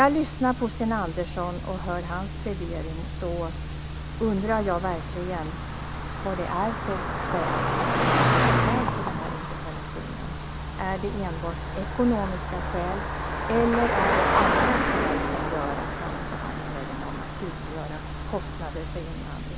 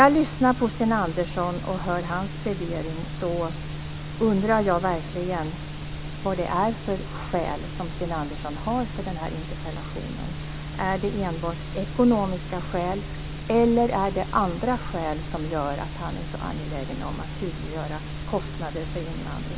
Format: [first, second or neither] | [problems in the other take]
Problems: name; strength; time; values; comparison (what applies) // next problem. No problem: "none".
second | background sound (Car passing by); as loud as the speech